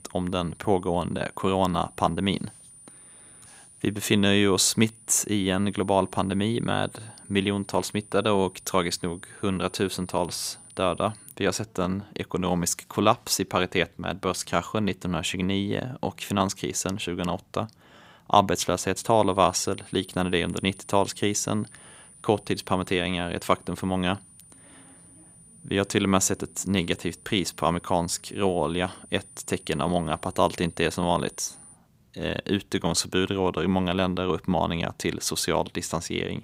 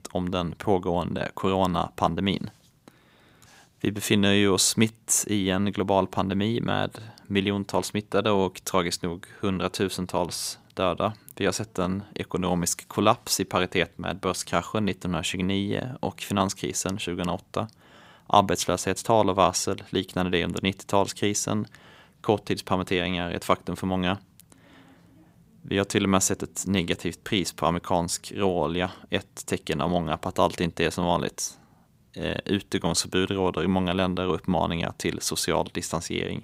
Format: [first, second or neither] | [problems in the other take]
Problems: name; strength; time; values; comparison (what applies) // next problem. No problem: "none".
second | high-pitched whine; faint; until 11 s and from 19 to 32 s; 9.5 kHz, 20 dB below the speech